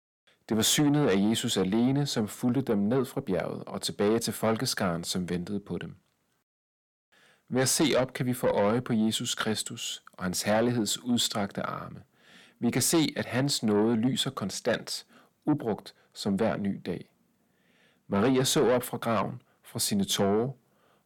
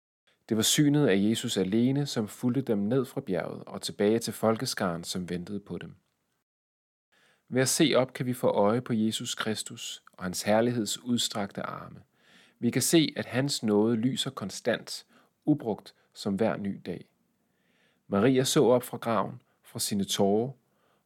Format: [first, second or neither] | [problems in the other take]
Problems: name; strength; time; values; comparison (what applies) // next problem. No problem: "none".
second | distortion; slight; 10 dB below the speech